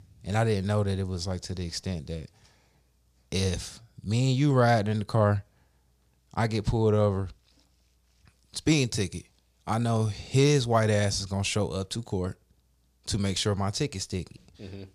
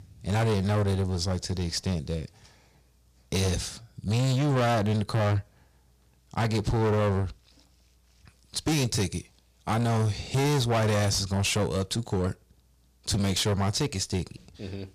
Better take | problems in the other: first | distortion; heavy; 17% of the sound clipped

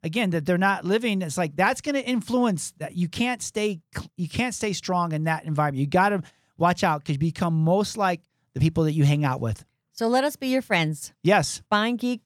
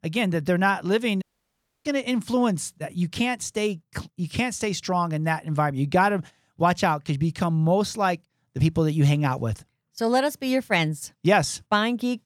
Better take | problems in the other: first | audio cutting out; at 1 s for 0.5 s

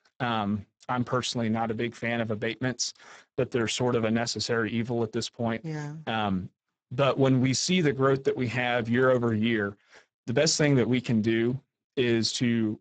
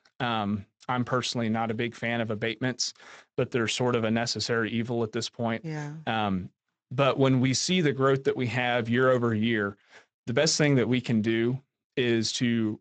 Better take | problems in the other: second | garbled, watery; badly; nothing above 7.5 kHz; slightly in the second

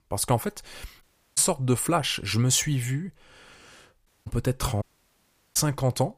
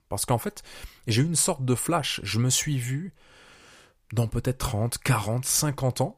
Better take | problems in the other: second | audio cutting out; at 1 s, at 4 s and at 5 s for 0.5 s

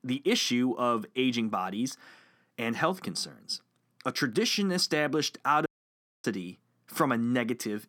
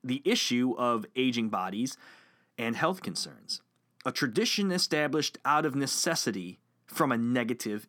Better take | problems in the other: second | audio cutting out; at 5.5 s for 0.5 s

